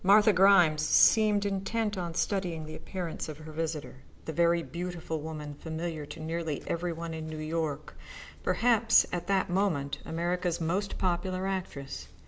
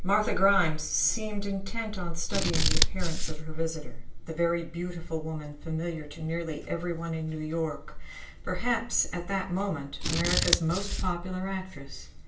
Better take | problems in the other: first | background sound (Scissors); 2 dB below the speech // room echo; dies away in 0.3 s

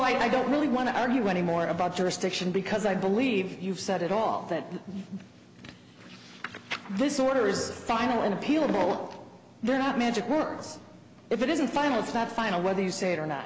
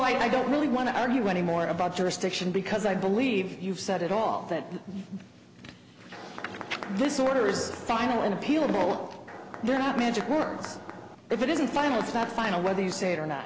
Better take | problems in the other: first | background sound (Mechanisms); 13 dB below the speech

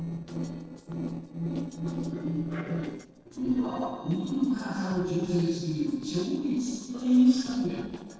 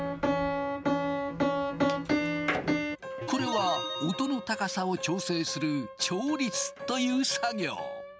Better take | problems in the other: second | noise reduction (neural separator model SepFormer DNS4)

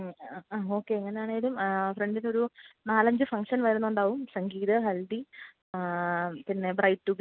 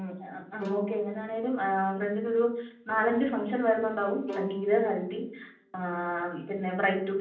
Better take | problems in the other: first | background sound (Bowed string instrument); 13 dB below the speech // room echo; dies away in 0.6 s

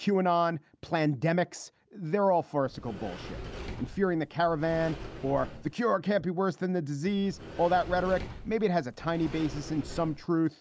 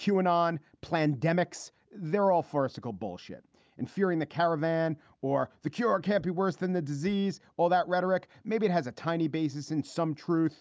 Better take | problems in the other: second | background sound (Sliding door); 12 dB below the speech

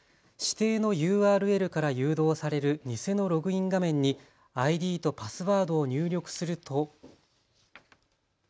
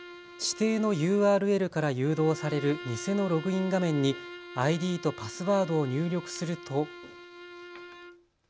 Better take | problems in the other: first | background sound (Bowed string instrument); 15 dB below the speech

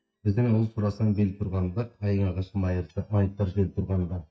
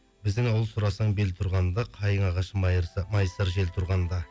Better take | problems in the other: second | noise reduction (neural mask model DeepFilterNet 3)

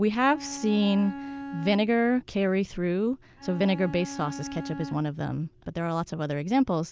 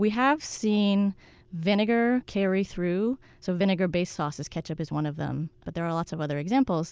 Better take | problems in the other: second | background sound (Bowed string instrument); 12 dB below the speech

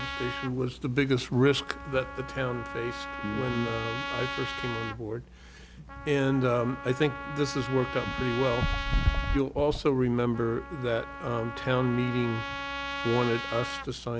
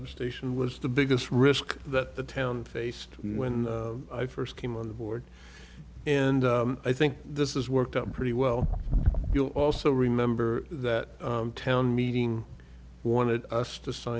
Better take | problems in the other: second | background sound (Trumpet); 9 dB below the speech

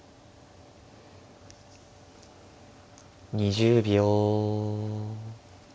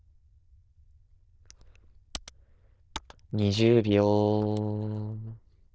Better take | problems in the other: first | noise reduction (neural diffusion model UNIVERSE++)

